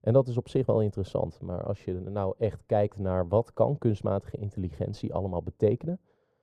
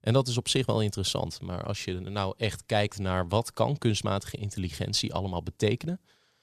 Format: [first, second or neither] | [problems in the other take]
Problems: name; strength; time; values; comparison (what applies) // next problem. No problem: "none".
second | muffled; very; fading above 1.5 kHz